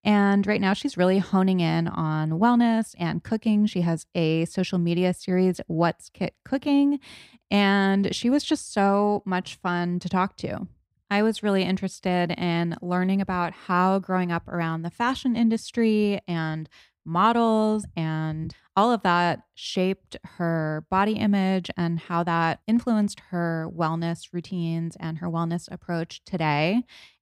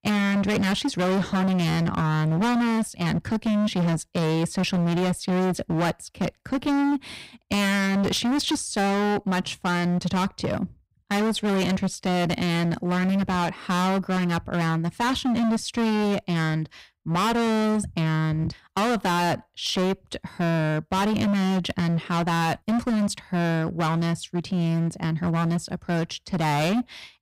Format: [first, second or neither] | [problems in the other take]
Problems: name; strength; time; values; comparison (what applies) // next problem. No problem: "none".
first | distortion; heavy; 31% of the sound clipped